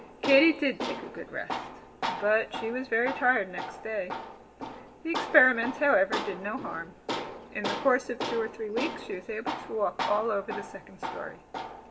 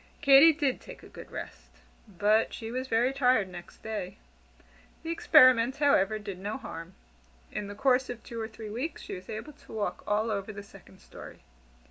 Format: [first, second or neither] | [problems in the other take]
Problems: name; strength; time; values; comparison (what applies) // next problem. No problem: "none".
second | background sound (Tools); 8 dB below the speech // room echo; dies away in 1.9 s